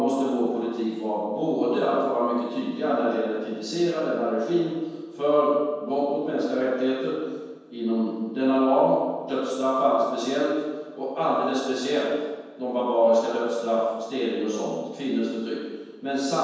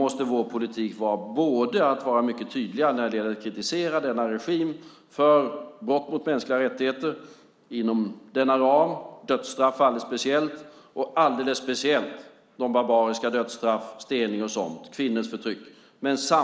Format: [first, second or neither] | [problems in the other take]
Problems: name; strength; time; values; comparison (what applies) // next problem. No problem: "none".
second | room echo; dies away in 1.2 s